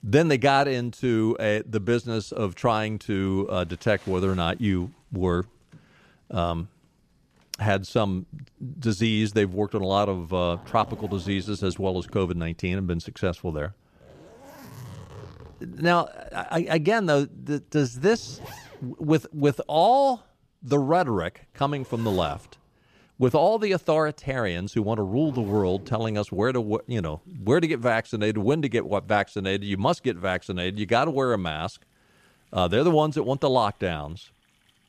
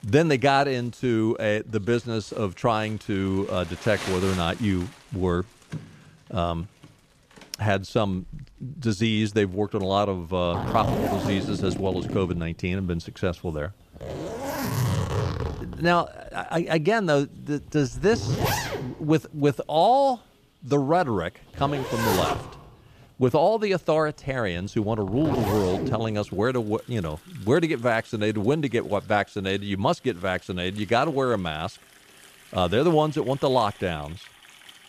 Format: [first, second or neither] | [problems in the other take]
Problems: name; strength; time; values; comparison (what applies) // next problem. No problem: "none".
first | household noises; loud; throughout; 6 dB below the speech; faint in the first